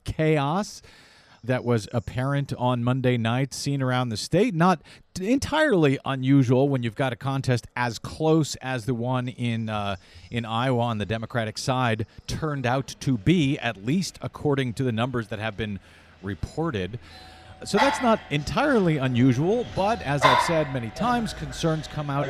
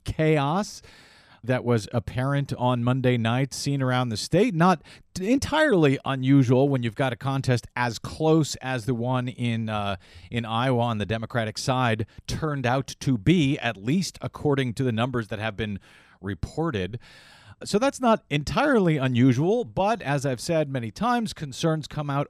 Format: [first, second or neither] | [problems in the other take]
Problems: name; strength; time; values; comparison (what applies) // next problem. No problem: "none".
second | animal sounds; loud; throughout; 4 dB below the speech